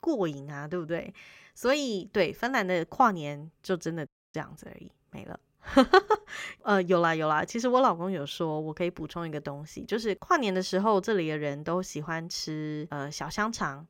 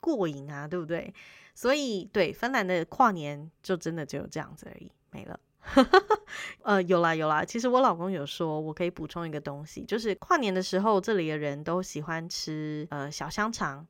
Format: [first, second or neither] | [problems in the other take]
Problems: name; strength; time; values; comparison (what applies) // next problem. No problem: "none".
second | audio cutting out; at 4 s